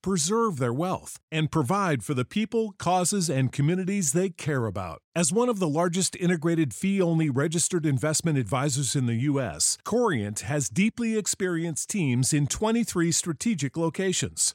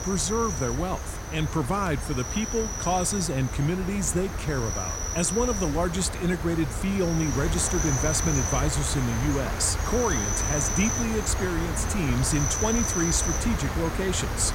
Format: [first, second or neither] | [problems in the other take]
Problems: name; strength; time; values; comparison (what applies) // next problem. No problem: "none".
first | animal sounds; loud; throughout; 2 dB below the speech